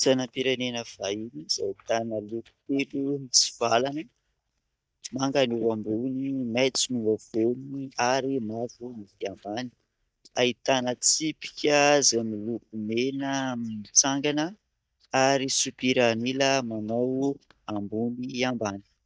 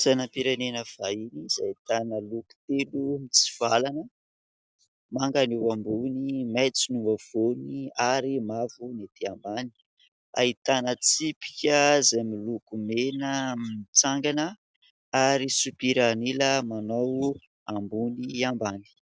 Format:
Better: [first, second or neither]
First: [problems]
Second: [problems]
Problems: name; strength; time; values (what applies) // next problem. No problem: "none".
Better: second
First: noise reduction (neural mask model DeepFilterNet 3)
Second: none